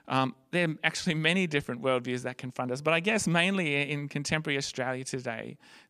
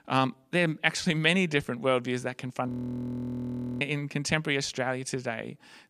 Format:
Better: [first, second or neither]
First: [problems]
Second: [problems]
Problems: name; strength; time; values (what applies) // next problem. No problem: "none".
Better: first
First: none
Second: audio freezing; at 2.5 s for 1 s